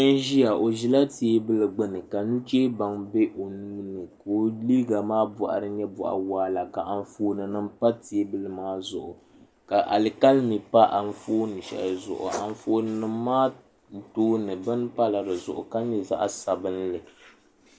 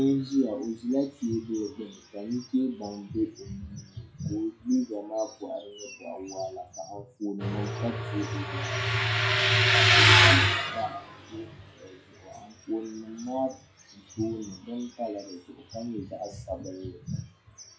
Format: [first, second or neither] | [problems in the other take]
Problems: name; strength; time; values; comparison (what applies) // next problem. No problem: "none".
first | noise reduction (classical method WPE with log-MMSE)